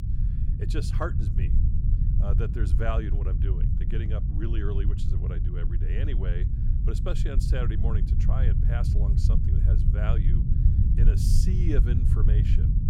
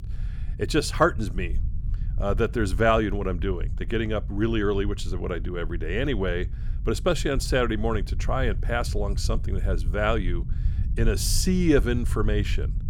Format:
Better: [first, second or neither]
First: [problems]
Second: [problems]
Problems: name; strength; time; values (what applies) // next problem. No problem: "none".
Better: second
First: low rumble; loud; throughout; 2 dB below the speech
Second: low rumble; faint; throughout; 20 dB below the speech